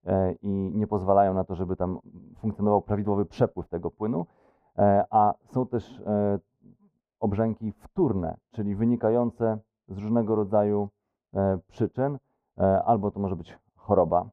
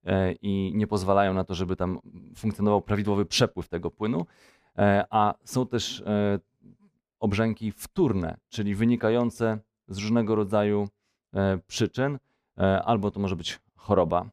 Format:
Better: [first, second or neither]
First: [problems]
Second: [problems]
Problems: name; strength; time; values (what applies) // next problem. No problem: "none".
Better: second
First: muffled; very; fading above 1.5 kHz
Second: none